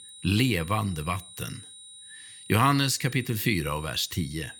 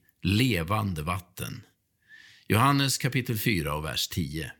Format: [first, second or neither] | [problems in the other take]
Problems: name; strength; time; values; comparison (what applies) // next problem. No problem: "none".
second | high-pitched whine; noticeable; throughout; 4 kHz, 20 dB below the speech